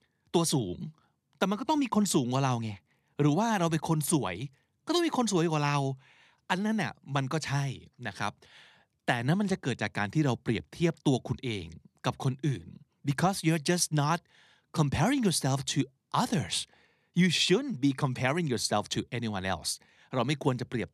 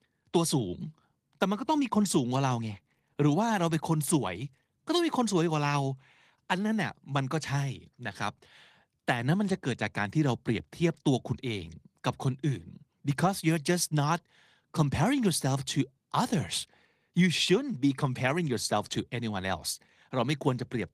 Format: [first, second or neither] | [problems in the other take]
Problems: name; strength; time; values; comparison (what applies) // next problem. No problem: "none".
first | garbled, watery; slightly